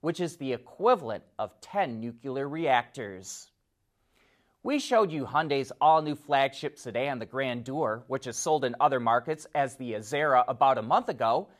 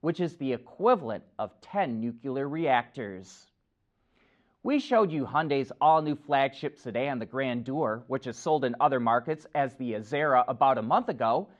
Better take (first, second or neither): first